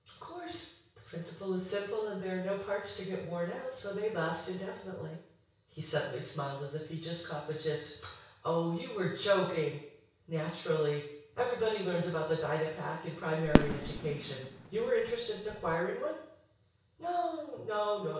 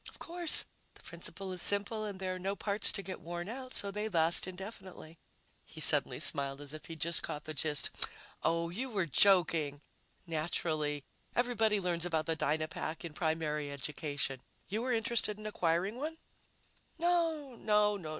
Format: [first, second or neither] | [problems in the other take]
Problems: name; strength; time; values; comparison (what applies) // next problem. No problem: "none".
second | background sound (Fireworks); 2 dB above the speech // room echo; dies away in 0.6 s